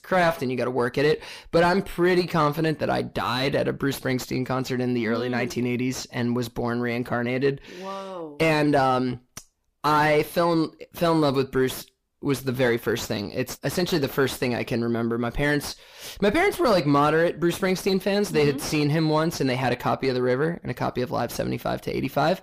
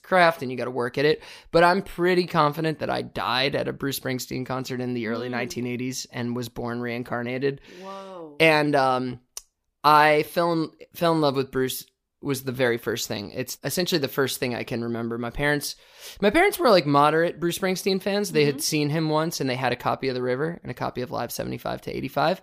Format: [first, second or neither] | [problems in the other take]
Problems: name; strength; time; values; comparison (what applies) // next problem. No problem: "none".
second | distortion; heavy; 8 dB below the speech